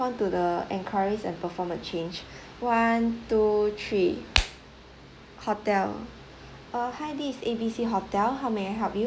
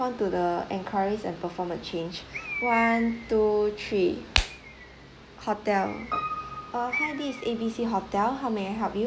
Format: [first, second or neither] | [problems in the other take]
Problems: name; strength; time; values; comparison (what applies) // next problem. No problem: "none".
first | background sound (Bird + Piano); 11 dB below the speech